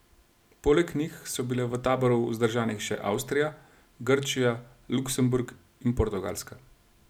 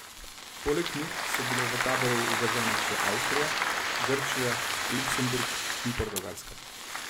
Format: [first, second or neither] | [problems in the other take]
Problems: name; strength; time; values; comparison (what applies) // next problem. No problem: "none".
first | background sound (Applause / Crowd + Fire); 3 dB above the speech